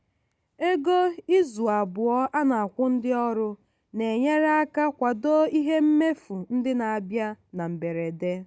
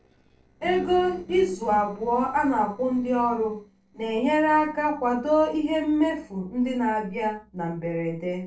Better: first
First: none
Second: noise reduction (neural separator model SepFormer DNS4)

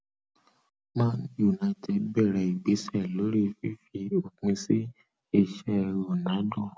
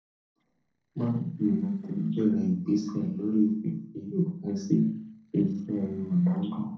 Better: first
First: none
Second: noise reduction (neural separator model SepFormer DNS4)

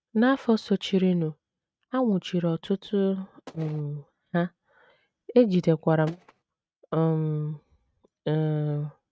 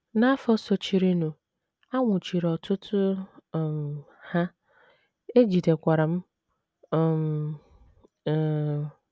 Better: second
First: noise reduction (neural mask model RNNoise)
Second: none

